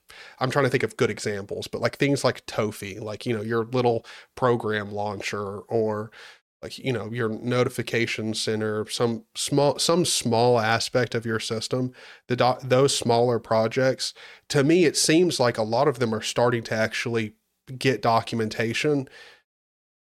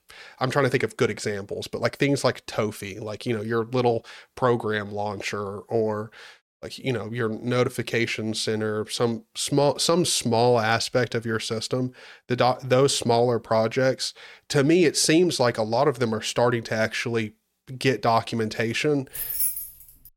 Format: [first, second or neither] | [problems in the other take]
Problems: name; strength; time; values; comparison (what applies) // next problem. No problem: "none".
first | jangling keys; loud; at 19 s; peak 1 dB above the speech